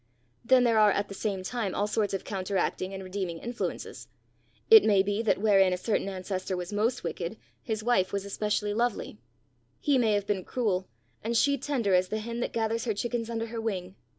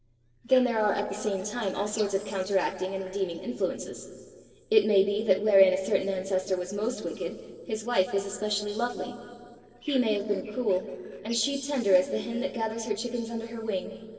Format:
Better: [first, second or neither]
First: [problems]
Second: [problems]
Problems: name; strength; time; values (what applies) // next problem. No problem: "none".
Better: first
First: none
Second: noise reduction (neural separator model SepFormer DNS4)